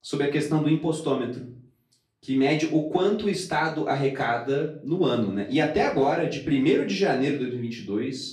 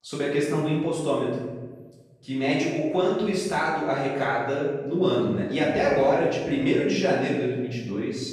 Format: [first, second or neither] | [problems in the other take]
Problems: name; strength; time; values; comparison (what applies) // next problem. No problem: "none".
first | room echo; strong; dies away in 1.1 s; slight in the first // off-mic speech; far; far in the first